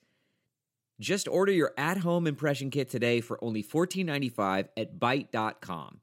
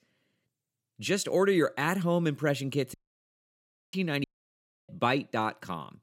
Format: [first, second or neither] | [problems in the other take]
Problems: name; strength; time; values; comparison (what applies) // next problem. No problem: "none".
first | audio cutting out; at 3 s for 1 s and at 4 s for 0.5 s